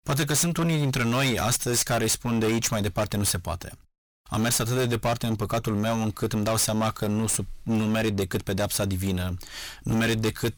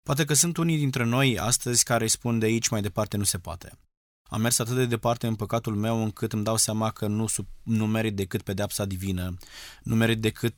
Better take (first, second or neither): second